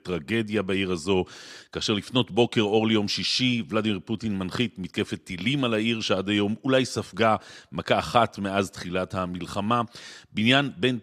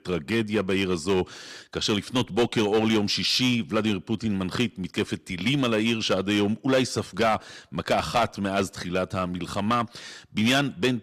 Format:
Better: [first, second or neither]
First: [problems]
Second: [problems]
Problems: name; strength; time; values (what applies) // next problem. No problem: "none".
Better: first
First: none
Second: distortion; slight; 4% of the sound clipped